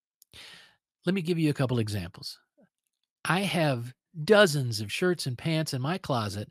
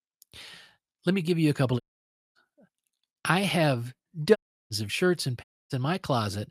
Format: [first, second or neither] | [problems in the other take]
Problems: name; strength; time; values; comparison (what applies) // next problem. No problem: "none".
first | audio cutting out; at 2 s for 0.5 s, at 4.5 s and at 5.5 s